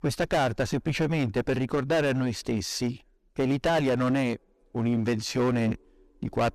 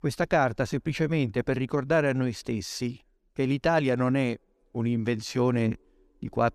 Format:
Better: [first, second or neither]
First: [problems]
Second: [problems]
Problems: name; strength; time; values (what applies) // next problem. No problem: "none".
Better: second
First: distortion; heavy; 13% of the sound clipped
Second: none